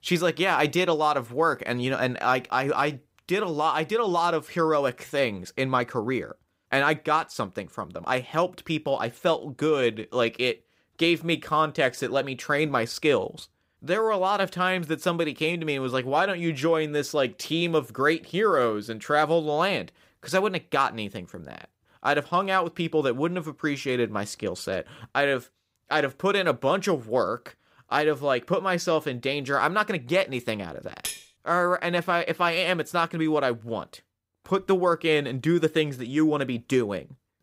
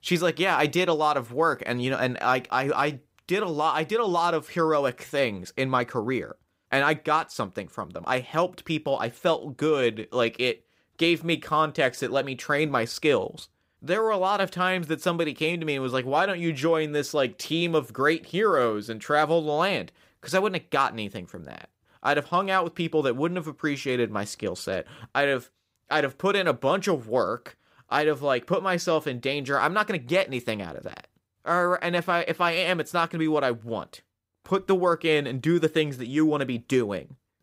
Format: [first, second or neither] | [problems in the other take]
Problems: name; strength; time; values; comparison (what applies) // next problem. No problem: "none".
second | clattering dishes; noticeable; at 31 s; peak 8 dB below the speech